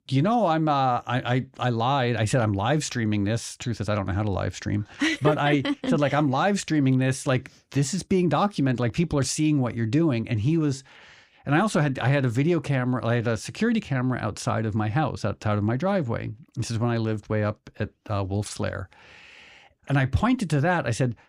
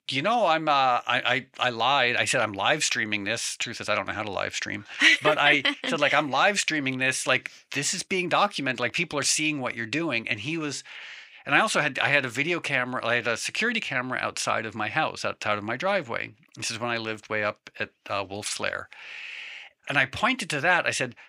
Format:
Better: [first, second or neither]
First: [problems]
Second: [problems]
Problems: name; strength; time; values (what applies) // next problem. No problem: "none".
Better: first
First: none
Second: thin; somewhat; fading below 1 kHz